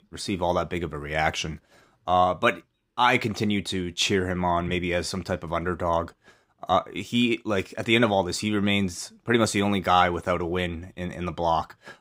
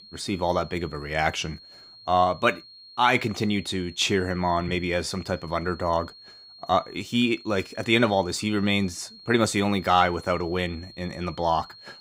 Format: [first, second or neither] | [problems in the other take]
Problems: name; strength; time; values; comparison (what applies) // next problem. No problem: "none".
first | high-pitched whine; noticeable; throughout; 4.5 kHz, 20 dB below the speech